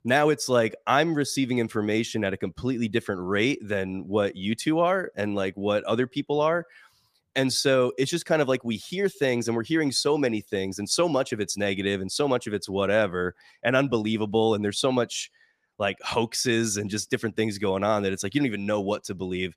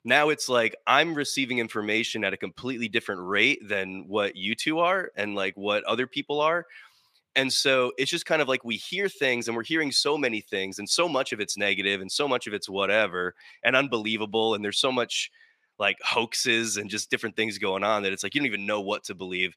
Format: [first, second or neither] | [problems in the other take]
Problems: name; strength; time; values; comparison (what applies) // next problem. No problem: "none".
first | thin; very slightly; fading below 600 Hz